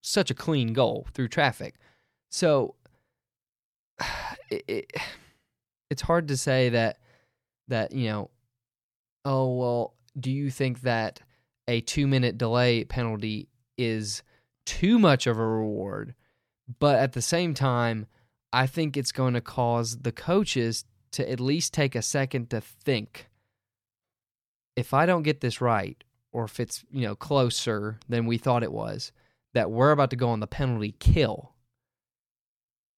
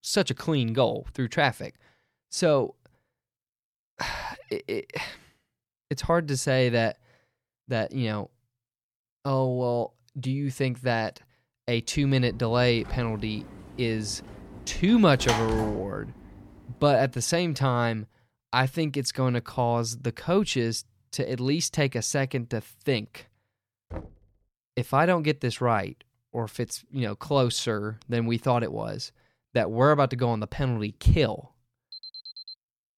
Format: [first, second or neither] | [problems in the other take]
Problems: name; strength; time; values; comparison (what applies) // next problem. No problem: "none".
first | door banging; noticeable; from 12 to 16 s; peak 2 dB below the speech // door banging; faint; at 24 s; peak 15 dB below the speech // alarm; faint; at 32 s; peak 15 dB below the speech